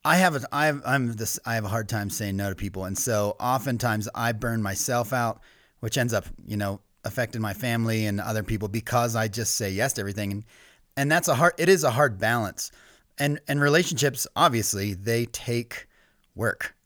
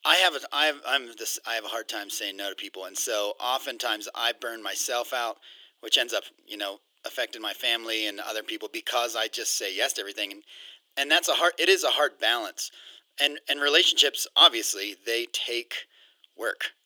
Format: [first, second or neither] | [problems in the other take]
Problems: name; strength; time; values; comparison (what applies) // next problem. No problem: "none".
first | thin; very; fading below 300 Hz